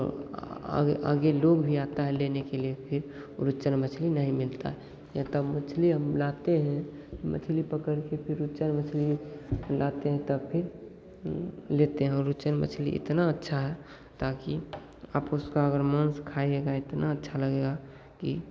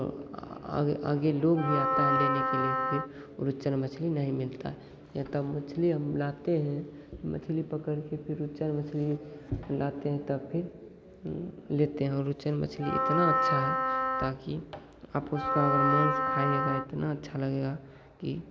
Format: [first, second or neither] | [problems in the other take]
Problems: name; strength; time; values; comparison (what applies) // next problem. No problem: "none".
first | background sound (Wind instrument, woodwind instrument); 2 dB above the speech